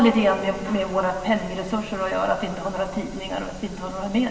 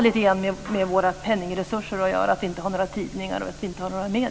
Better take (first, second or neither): second